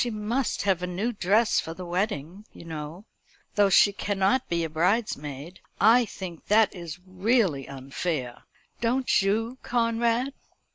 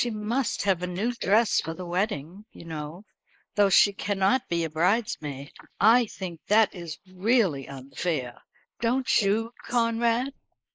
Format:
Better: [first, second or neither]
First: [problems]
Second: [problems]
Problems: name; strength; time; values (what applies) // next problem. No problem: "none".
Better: first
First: none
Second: noise reduction (neural mask model Resemble Enhance denoiser)